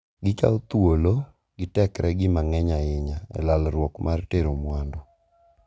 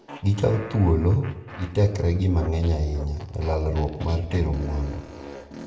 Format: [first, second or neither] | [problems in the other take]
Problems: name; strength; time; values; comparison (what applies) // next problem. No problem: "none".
first | background sound (Fart); 17 dB below the speech // room echo; dies away in 0.8 s